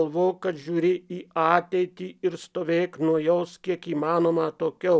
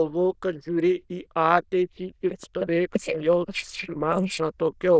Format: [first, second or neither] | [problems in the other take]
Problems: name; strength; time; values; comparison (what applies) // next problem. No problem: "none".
first | noise reduction (neural diffusion model UNIVERSE++)